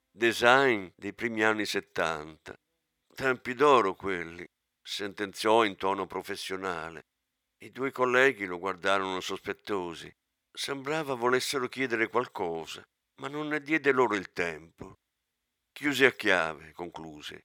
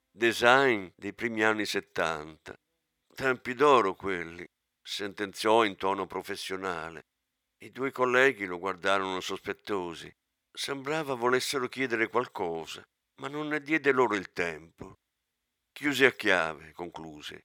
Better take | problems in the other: neither | thin; somewhat; fading below 550 Hz; the same in both

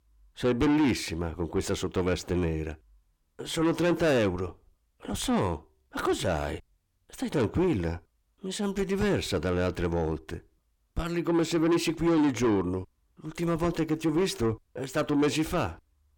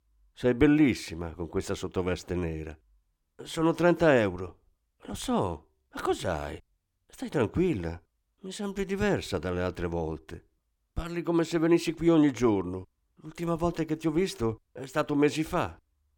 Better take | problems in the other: second | distortion; heavy; 8 dB below the speech

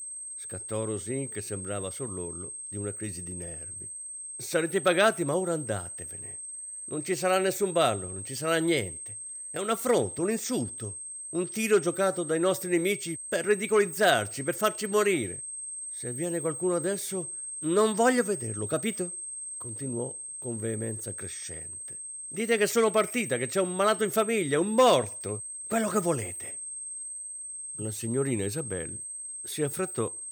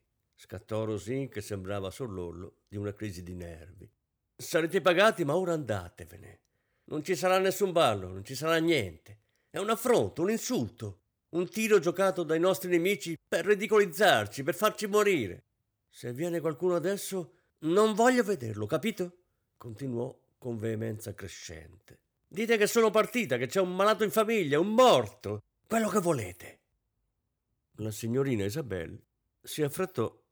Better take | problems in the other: second | high-pitched whine; loud; throughout; 8.5 kHz, 8 dB below the speech

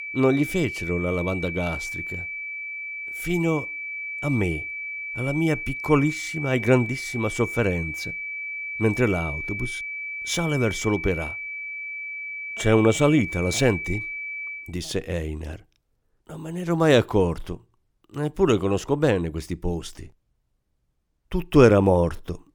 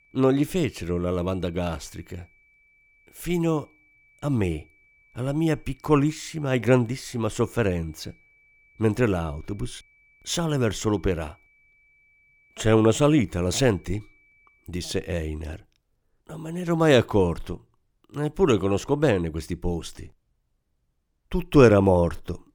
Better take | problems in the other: second | high-pitched whine; loud; until 15 s; 2.5 kHz, 7 dB below the speech; faint in the second

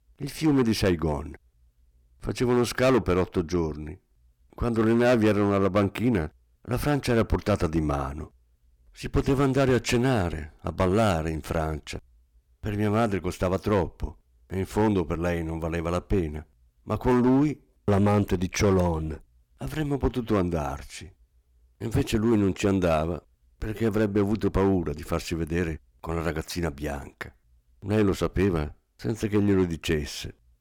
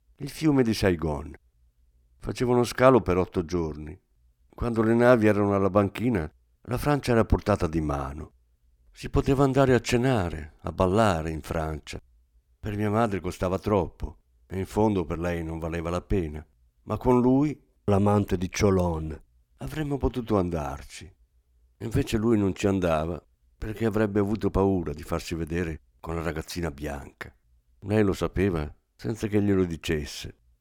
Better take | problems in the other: second | distortion; slight; 4% of the sound clipped

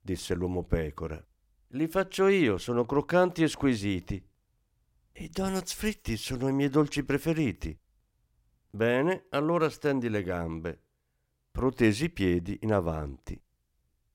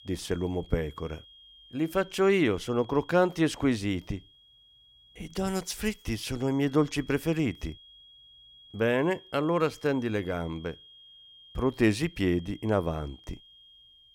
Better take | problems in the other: first | high-pitched whine; faint; throughout; 3.5 kHz, 25 dB below the speech

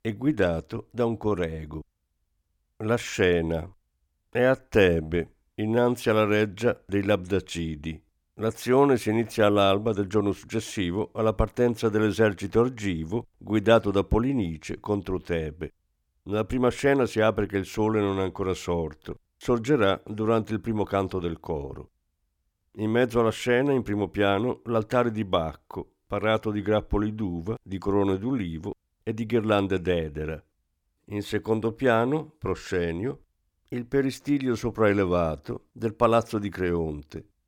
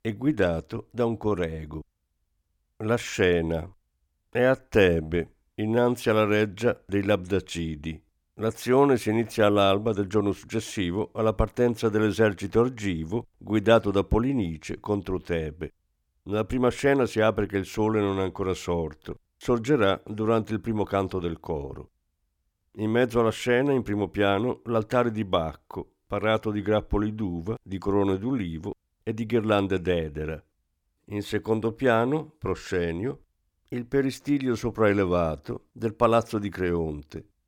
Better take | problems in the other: neither | none

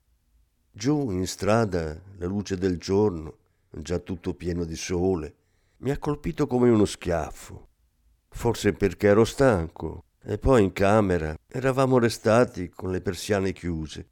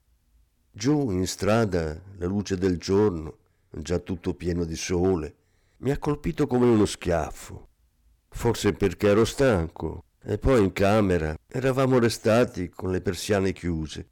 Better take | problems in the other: first | distortion; slight; 4% of the sound clipped

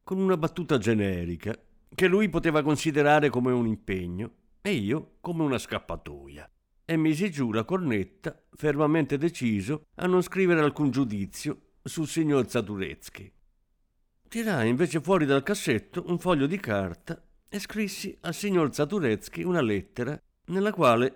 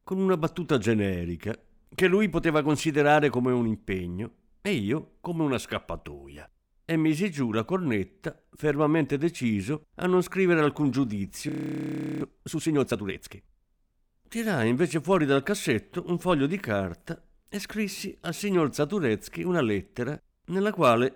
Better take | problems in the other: first | audio freezing; at 11 s for 0.5 s

